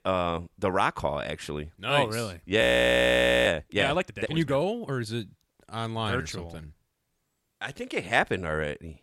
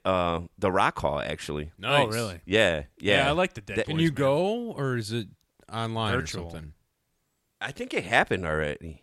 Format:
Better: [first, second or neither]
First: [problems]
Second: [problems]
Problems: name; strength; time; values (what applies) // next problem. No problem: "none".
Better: second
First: audio freezing; at 2.5 s for 1 s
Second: none